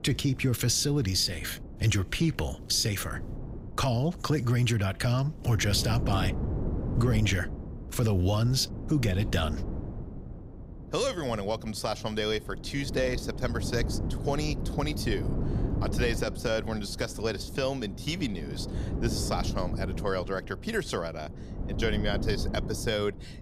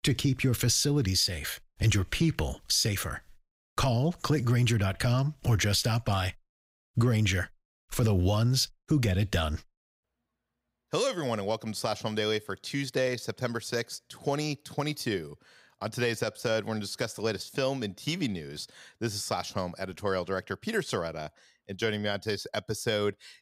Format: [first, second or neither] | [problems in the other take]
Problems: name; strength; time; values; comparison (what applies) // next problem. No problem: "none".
second | wind noise on the microphone; occasional gusts; 10 dB below the speech